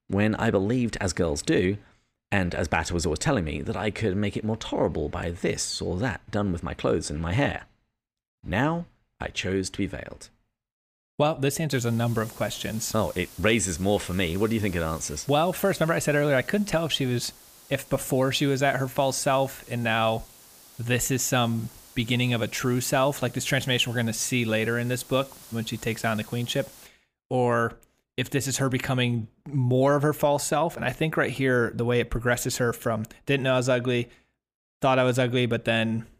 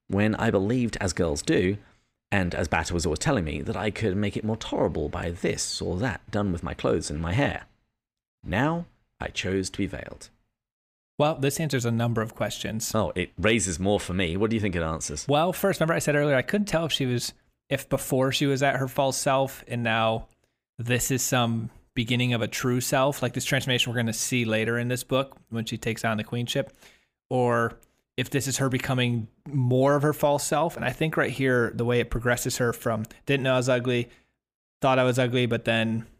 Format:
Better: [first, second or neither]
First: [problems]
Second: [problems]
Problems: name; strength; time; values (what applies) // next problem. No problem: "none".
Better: second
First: hiss; faint; from 12 to 27 s; 20 dB below the speech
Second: none